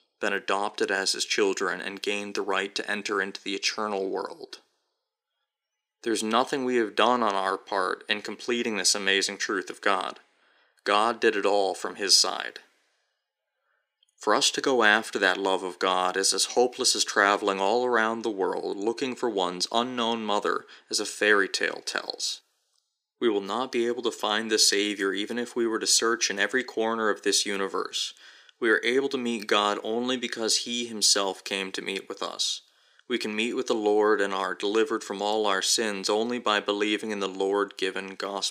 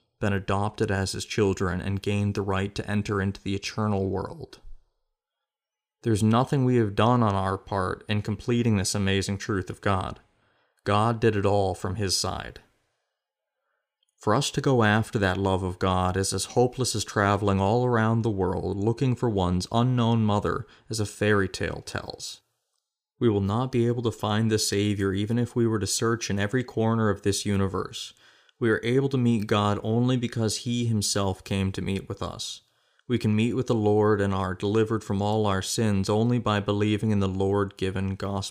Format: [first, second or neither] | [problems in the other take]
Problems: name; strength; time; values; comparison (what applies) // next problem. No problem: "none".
second | thin; somewhat; fading below 300 Hz